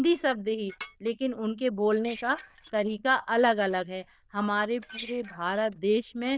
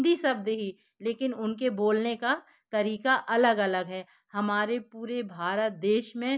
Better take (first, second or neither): second